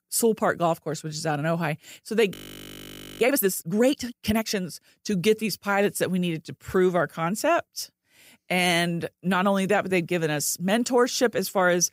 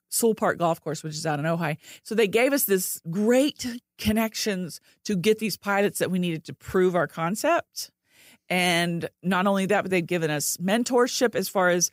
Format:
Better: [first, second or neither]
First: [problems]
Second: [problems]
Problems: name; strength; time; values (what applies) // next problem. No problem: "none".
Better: second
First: audio freezing; at 2.5 s for 1 s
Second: none